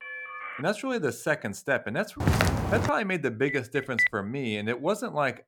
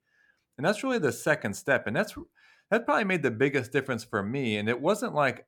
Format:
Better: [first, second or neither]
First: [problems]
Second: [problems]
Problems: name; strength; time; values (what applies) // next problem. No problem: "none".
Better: second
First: phone ringing; noticeable; at the start; peak 7 dB below the speech // footsteps; loud; at 2 s; peak 5 dB above the speech // phone ringing; loud; at 3.5 s; peak 4 dB above the speech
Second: none